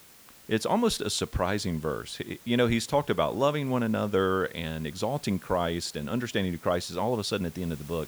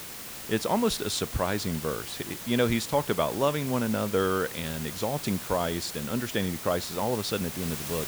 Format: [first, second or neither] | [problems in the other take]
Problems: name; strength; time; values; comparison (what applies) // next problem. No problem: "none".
first | hiss; loud; throughout; 8 dB below the speech; faint in the first